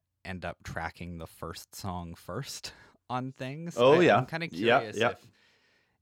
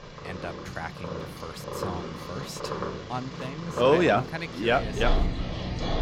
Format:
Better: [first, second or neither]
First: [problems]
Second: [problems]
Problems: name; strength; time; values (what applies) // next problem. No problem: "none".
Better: first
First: none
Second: animal sounds; loud; throughout; 6 dB below the speech